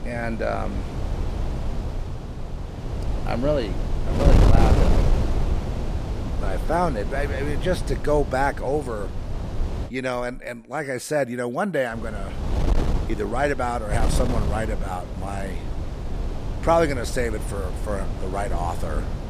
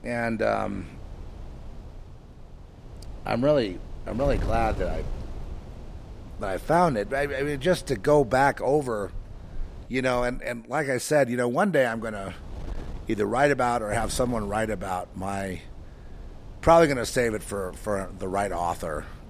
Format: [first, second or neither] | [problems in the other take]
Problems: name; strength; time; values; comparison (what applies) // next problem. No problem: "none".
second | wind noise on the microphone; heavy; until 10 s and from 12 s on; 8 dB below the speech; occasional gusts in the second